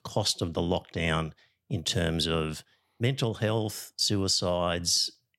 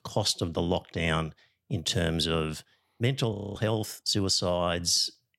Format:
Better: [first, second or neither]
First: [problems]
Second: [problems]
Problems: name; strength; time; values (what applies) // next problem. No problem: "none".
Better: first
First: none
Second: audio freezing; at 3.5 s